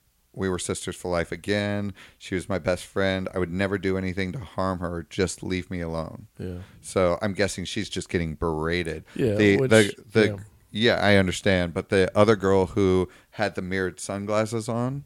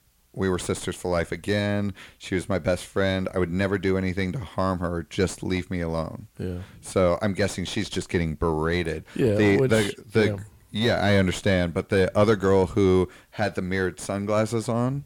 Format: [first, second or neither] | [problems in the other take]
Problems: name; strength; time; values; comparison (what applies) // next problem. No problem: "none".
first | distortion; slight; 10 dB below the speech